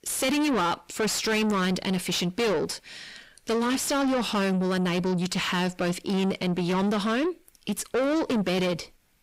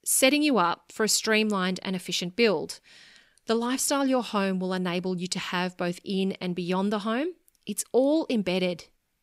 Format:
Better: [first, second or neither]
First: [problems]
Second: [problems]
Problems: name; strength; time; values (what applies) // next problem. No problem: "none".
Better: second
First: distortion; heavy; 6 dB below the speech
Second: none